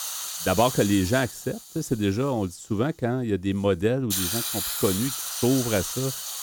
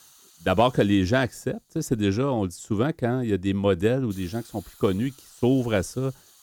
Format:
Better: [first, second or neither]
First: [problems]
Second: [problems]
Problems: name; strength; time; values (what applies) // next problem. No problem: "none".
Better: second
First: hiss; loud; throughout; 3 dB below the speech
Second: hiss; faint; throughout; 25 dB below the speech